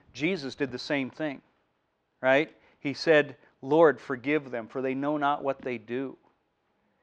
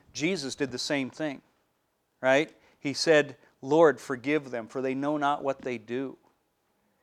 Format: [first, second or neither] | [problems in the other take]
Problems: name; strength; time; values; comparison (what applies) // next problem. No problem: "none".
second | muffled; very slightly; fading above 3 kHz